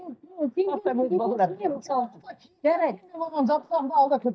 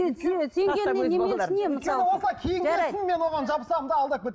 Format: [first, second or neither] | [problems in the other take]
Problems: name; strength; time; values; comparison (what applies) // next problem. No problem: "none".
second | noise reduction (neural mask model DeepFilterNet 3)